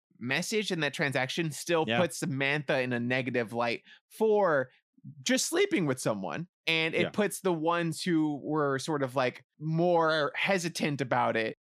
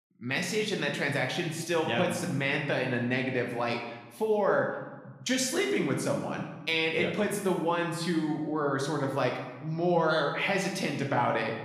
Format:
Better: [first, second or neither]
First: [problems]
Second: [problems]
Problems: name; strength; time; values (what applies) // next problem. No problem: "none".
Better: first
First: none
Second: room echo; noticeable; dies away in 0.9 s // off-mic speech; somewhat distant